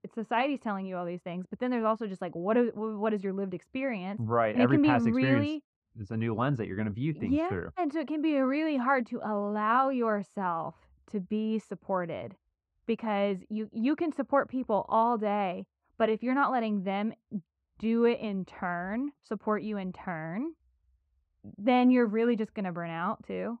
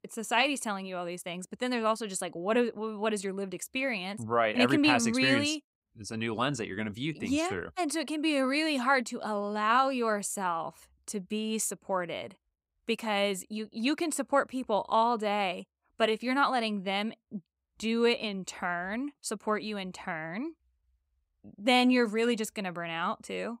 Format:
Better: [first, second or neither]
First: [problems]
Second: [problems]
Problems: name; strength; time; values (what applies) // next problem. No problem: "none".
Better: second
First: muffled; very; fading above 1.5 kHz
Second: none